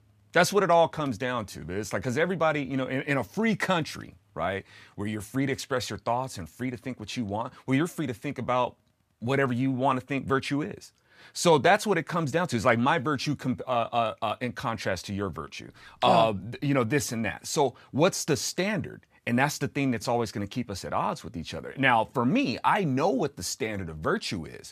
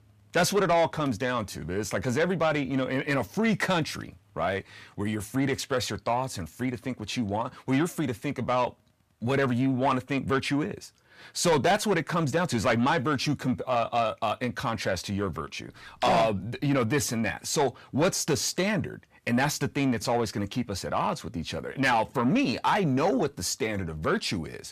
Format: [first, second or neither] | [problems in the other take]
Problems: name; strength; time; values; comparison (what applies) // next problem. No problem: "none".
first | distortion; slight; 10 dB below the speech